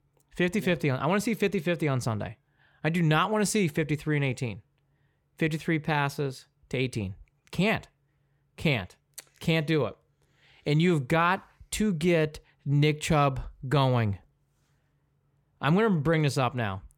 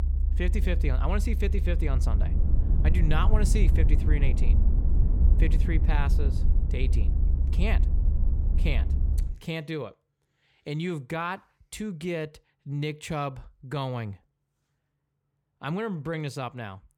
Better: first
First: none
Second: low rumble; loud; until 9 s; 8 dB below the speech

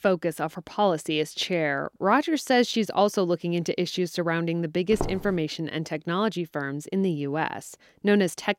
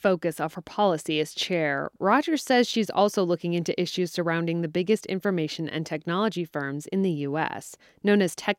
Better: second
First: footsteps; noticeable; at 5 s; peak 7 dB below the speech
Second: none

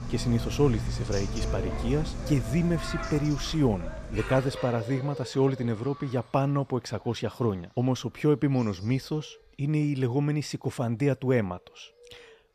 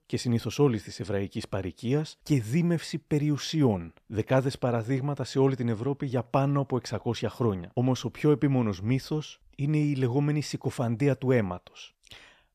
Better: second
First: animal sounds; loud; throughout; 8 dB below the speech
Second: none

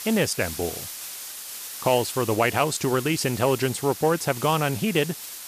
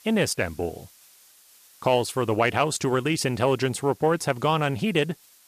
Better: second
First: hiss; loud; throughout; 10 dB below the speech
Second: hiss; faint; throughout; 25 dB below the speech

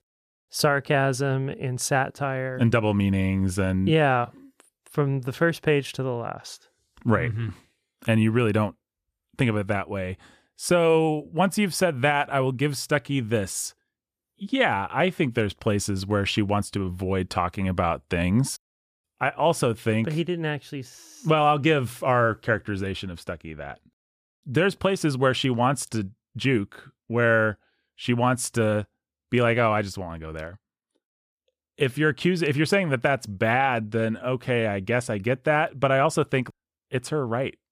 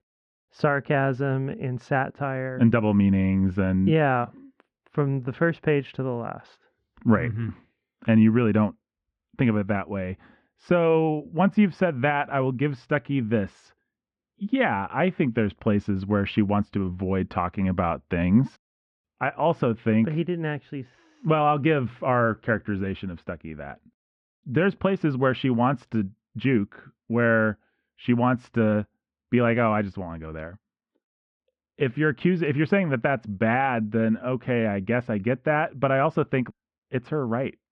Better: first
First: none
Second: muffled; very; fading above 2.5 kHz

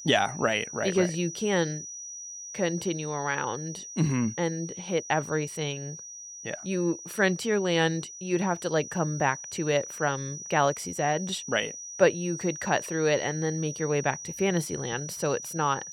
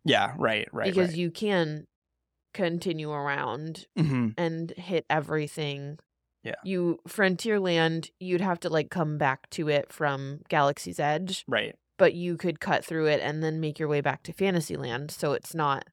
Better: second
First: high-pitched whine; loud; throughout; 6 kHz, 10 dB below the speech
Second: none

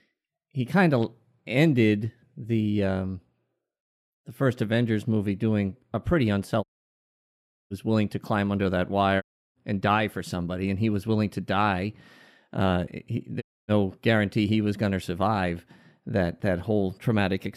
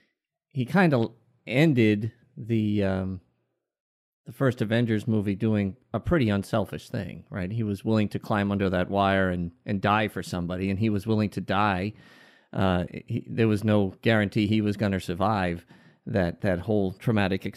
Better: second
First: audio cutting out; at 6.5 s for 1 s, at 9 s and at 13 s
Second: none

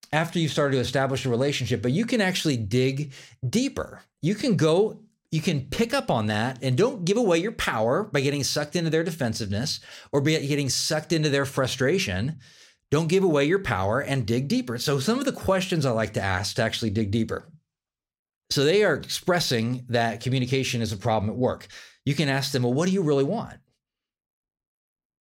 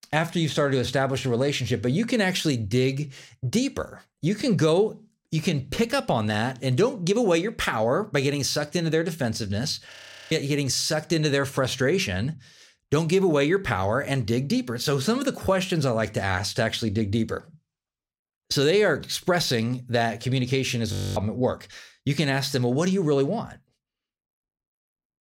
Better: first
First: none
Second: audio freezing; at 10 s and at 21 s

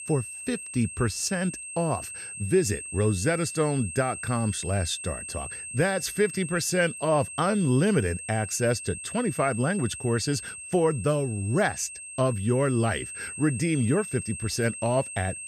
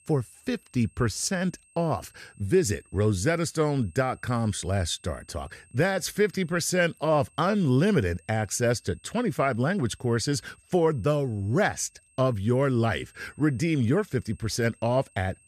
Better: second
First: high-pitched whine; loud; throughout; 8.5 kHz, 9 dB below the speech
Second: high-pitched whine; faint; throughout; 8.5 kHz, 30 dB below the speech

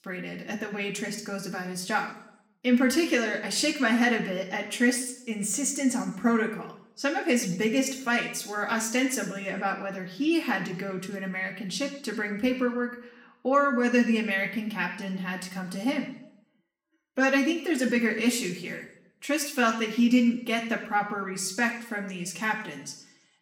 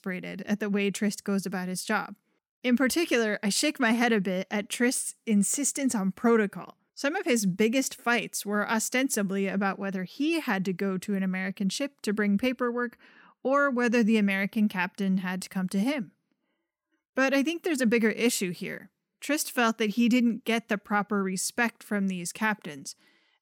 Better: second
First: room echo; slight; dies away in 0.7 s // off-mic speech; somewhat distant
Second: none

